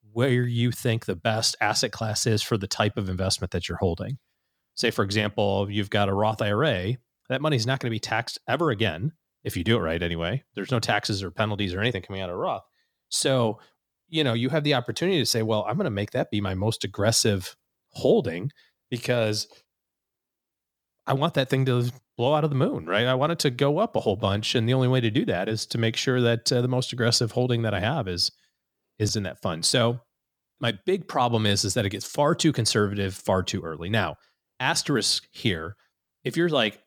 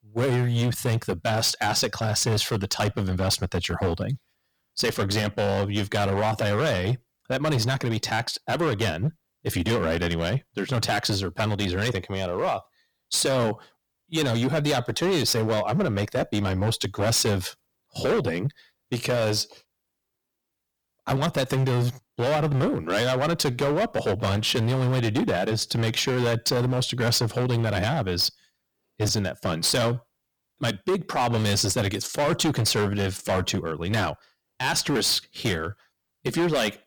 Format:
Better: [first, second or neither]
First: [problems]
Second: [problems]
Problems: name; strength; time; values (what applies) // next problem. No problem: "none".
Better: first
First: none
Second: distortion; heavy; 15% of the sound clipped